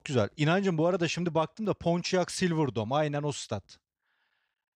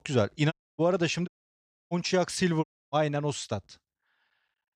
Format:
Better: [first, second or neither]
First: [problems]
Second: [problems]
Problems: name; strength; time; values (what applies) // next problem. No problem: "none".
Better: first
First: none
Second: audio cutting out; at 0.5 s, at 1.5 s for 0.5 s and at 2.5 s